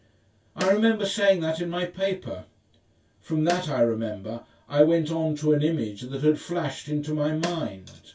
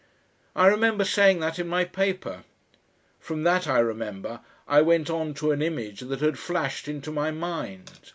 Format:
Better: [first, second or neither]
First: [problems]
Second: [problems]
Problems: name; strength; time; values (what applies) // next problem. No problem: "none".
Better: second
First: background sound (Snare drum); 11 dB below the speech // room echo; dies away in 0.1 s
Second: none